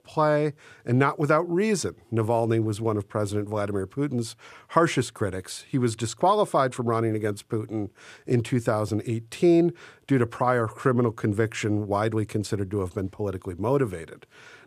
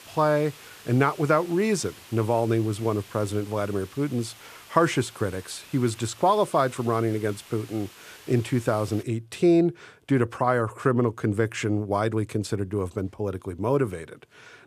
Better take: first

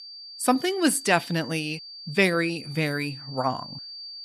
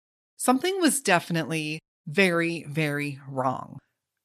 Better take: second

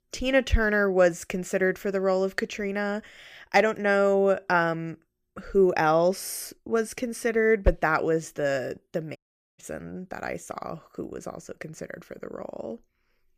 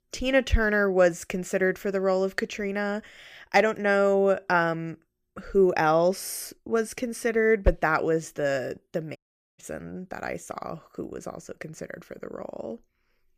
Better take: neither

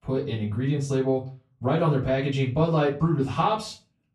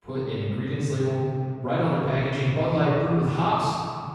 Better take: first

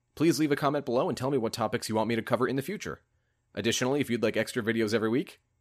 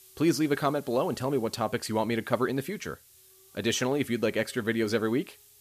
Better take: first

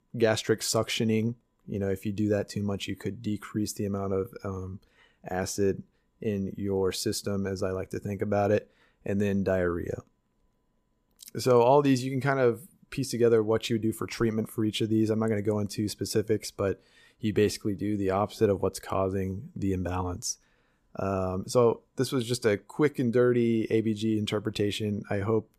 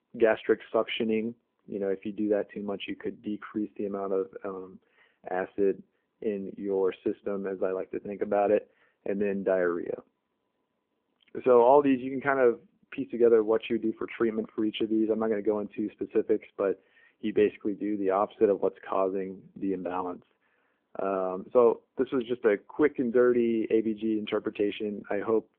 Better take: first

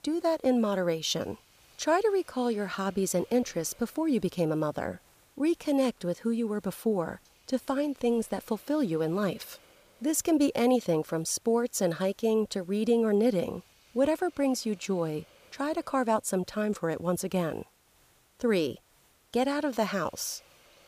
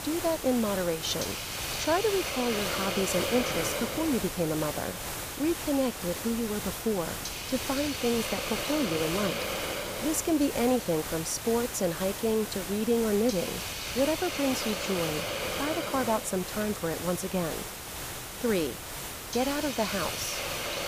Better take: first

